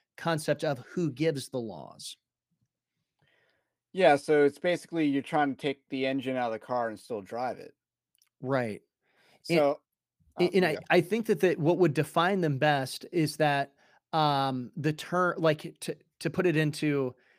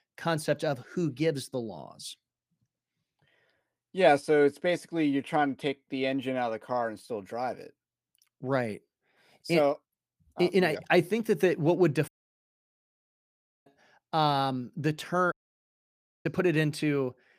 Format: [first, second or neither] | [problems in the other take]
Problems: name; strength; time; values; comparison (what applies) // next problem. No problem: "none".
first | audio cutting out; at 12 s for 1.5 s and at 15 s for 1 s